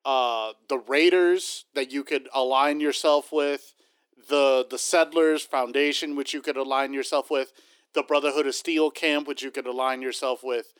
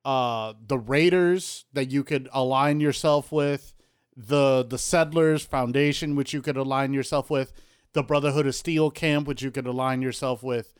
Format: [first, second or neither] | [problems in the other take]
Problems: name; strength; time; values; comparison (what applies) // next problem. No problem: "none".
second | thin; somewhat; fading below 300 Hz